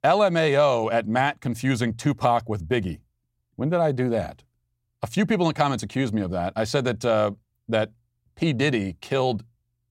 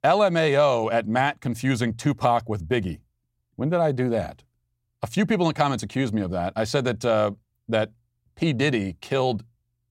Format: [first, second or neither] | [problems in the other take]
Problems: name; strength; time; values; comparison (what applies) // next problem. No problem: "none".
neither | none